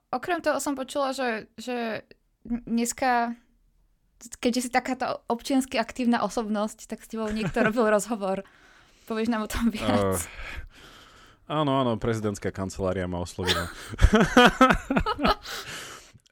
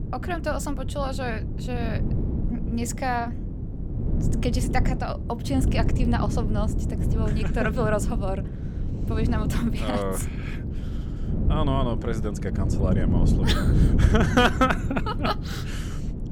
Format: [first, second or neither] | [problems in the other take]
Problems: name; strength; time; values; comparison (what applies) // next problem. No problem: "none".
first | wind noise on the microphone; heavy; 9 dB below the speech